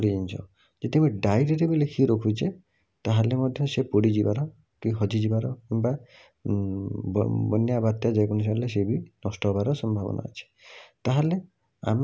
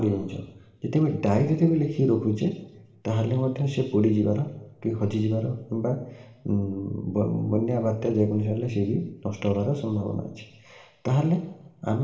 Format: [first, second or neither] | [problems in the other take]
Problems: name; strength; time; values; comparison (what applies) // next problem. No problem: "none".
first | room echo; dies away in 1 s